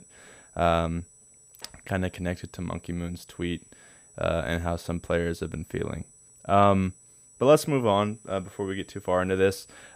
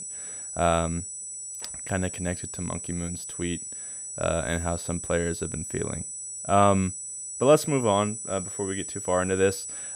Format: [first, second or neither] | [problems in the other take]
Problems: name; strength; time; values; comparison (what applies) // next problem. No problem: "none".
first | high-pitched whine; loud; throughout; 8 kHz, 7 dB below the speech; faint in the first